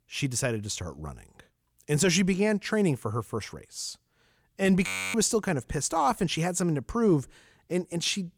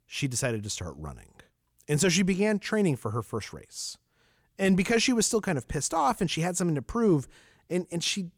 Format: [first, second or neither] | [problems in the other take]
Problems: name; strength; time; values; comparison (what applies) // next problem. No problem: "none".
second | audio freezing; at 5 s